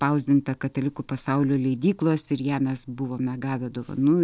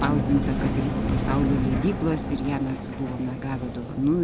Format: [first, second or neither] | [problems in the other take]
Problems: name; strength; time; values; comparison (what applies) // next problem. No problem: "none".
first | background sound (Engine); 1 dB below the speech